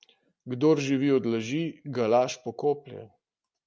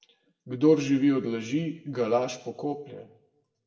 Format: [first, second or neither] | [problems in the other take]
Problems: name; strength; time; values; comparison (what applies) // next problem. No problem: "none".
first | room echo; dies away in 0.7 s